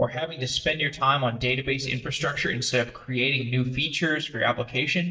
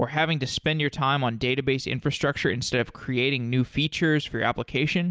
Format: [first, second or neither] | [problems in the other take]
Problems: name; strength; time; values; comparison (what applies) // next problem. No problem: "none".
second | noise reduction (neural mask model DeepFilterNet 3)